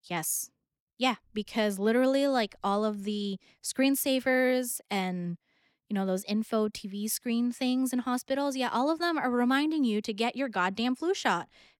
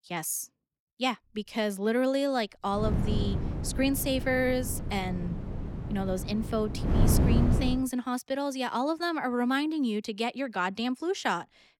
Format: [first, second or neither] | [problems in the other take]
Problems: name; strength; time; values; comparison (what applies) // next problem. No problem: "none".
first | wind noise on the microphone; heavy; from 3 to 8 s; 8 dB below the speech